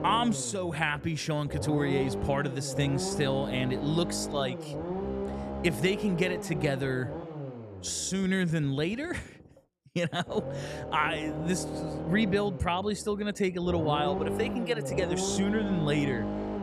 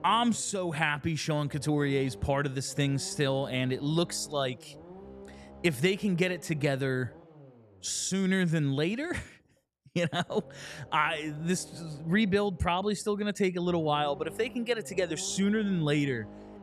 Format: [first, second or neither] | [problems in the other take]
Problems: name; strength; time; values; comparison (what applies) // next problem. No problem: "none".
second | low rumble; loud; throughout; 6 dB below the speech; faint in the second